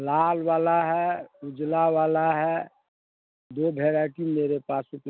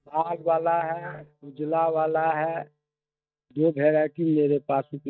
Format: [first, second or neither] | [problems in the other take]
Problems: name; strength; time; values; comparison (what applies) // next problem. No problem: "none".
first | noise reduction (neural mask model DeepFilterNet 3)